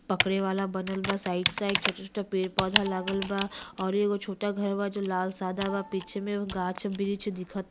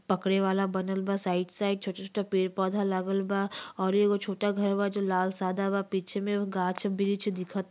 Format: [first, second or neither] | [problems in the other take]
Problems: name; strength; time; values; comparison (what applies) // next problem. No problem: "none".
second | background sound (Computer keyboard); 6 dB below the speech